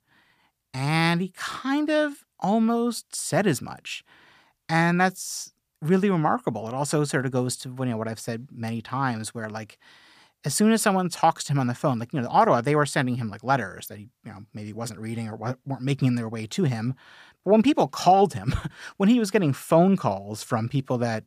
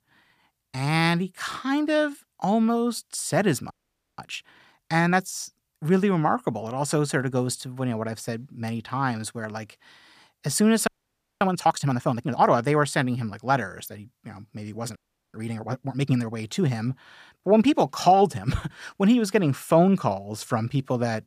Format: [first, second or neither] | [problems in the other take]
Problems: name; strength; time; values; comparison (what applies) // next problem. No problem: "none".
first | audio freezing; at 3.5 s, at 11 s for 0.5 s and at 15 s